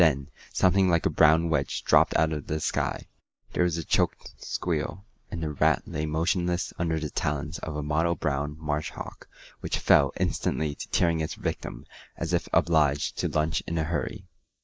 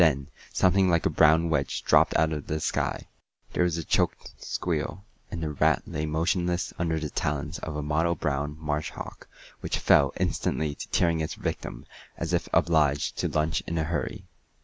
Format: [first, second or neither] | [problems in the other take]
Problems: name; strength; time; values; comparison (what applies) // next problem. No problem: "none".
second | noise reduction (neural mask model Resemble Enhance denoiser)